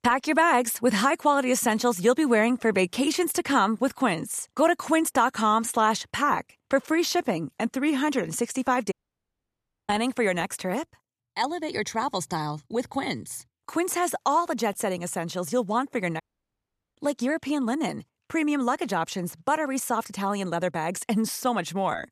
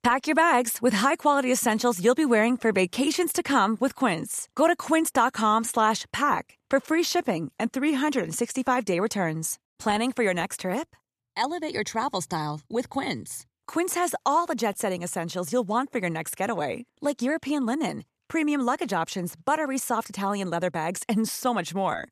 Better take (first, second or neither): second